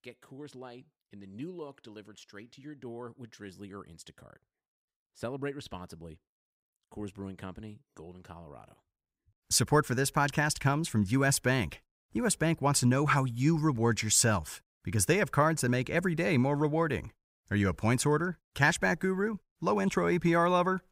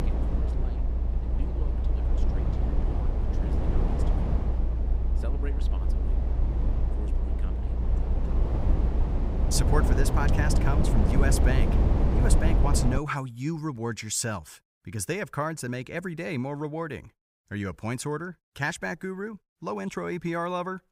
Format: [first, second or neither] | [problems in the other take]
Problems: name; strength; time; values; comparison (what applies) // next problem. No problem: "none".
first | low rumble; loud; until 13 s; 5 dB below the speech